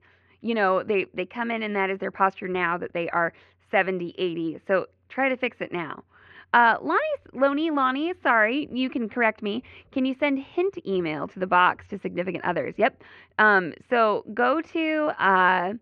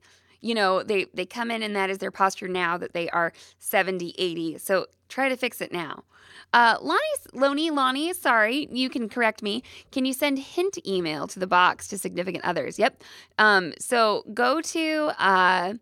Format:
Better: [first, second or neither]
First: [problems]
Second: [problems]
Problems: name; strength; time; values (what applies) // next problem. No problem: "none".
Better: second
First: muffled; very; fading above 2.5 kHz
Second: none